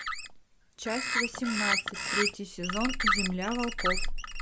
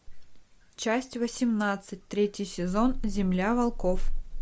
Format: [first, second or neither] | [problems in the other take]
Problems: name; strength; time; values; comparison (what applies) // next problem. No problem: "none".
second | background sound (Bird); 1 dB above the speech